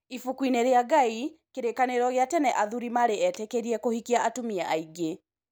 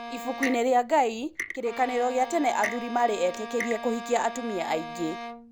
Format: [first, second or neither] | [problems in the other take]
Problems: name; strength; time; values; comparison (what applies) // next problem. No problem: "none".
first | background sound (Bowed string instrument + Clock); 10 dB below the speech